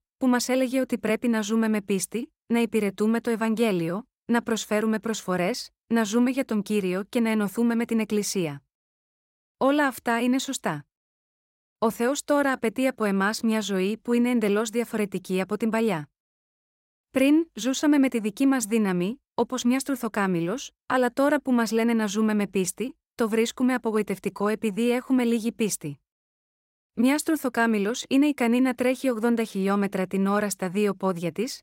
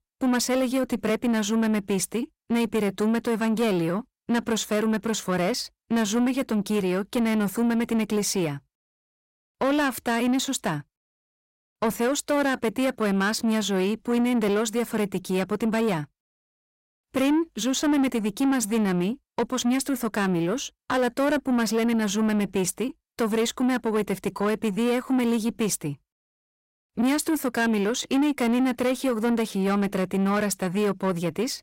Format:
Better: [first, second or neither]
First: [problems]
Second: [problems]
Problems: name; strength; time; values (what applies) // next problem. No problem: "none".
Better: first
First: none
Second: distortion; slight; 10 dB below the speech